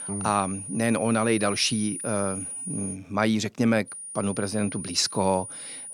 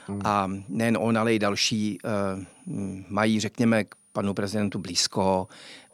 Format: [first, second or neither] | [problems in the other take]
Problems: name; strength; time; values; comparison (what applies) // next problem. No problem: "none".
second | high-pitched whine; loud; until 3 s and from 4 s on; 9.5 kHz, 8 dB below the speech; faint in the second